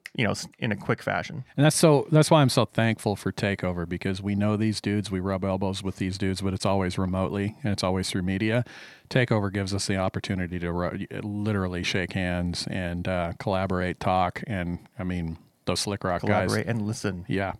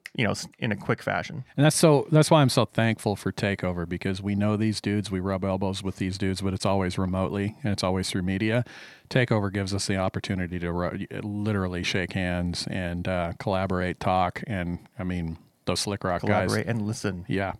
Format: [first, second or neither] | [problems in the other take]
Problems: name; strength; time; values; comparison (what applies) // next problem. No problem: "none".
neither | none